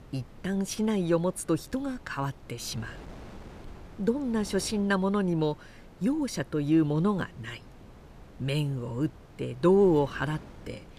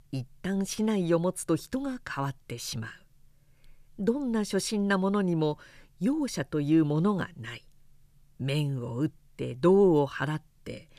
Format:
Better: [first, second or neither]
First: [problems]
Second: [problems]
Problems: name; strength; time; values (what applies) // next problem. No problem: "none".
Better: second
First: wind noise on the microphone; occasional gusts; 20 dB below the speech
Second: none